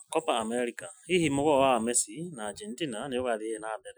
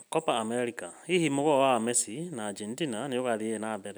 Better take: second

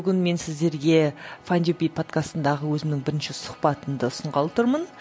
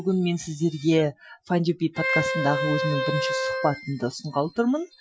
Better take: first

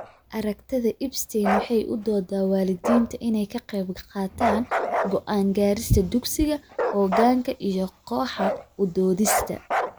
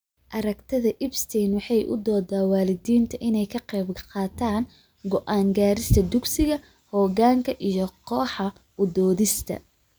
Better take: second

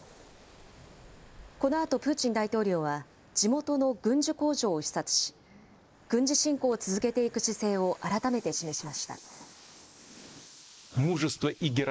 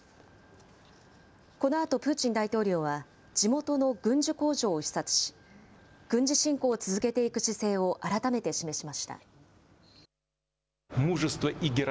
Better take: second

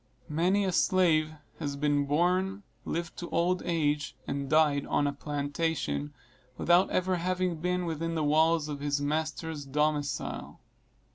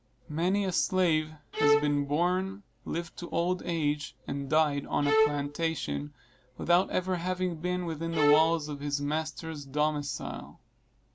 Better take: first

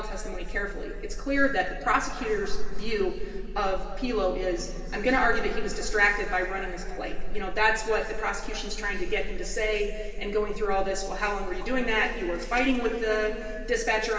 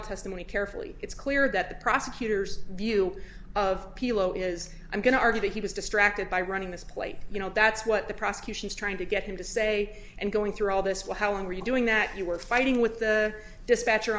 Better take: second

